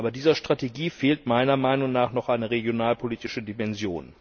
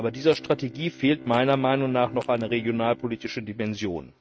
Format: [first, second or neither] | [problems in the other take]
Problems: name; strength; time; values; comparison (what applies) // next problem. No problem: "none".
first | noise reduction (neural mask model RNNoise)